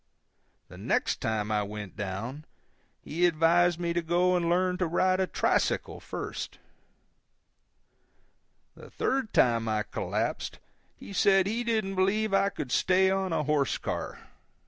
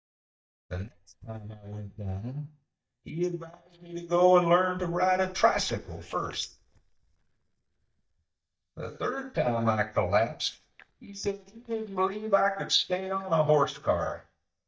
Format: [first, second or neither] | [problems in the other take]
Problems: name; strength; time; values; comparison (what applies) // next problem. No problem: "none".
first | noise reduction (neural mask model DeepFilterNet 3)